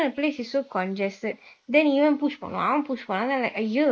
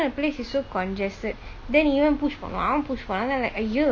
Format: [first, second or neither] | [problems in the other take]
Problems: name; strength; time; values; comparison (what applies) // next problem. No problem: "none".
second | noise reduction (neural mask model Resemble Enhance denoiser)